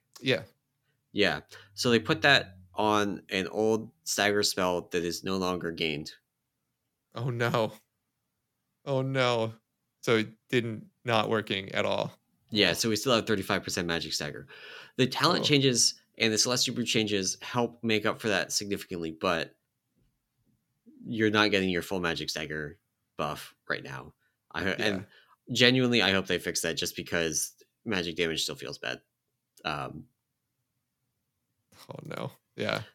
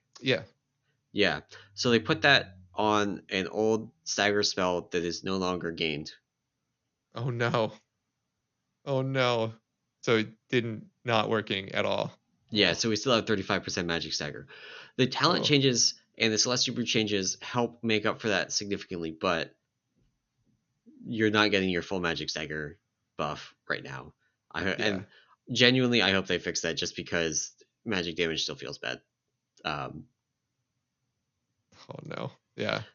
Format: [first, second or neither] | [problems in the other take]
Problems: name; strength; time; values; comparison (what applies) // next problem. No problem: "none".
first | garbled, watery; slightly; nothing above 6.5 kHz